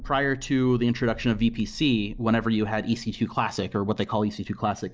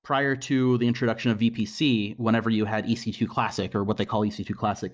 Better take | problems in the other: second | background sound (Thunder); 18 dB below the speech

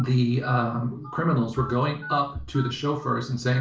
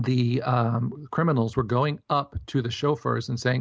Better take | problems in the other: second | background sound (Telephone); 17 dB below the speech // room echo; dies away in 0.4 s

